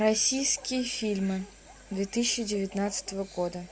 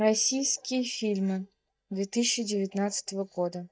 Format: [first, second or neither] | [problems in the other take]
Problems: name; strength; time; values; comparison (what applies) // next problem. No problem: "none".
first | noise reduction (neural mask model DeepFilterNet 3)